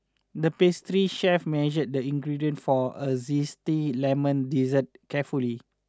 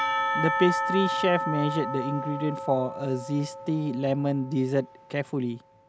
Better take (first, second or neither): first